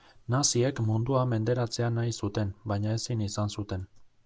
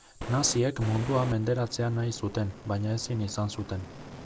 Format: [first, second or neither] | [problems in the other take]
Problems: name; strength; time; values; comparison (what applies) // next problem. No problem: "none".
first | background sound (Fire); 13 dB below the speech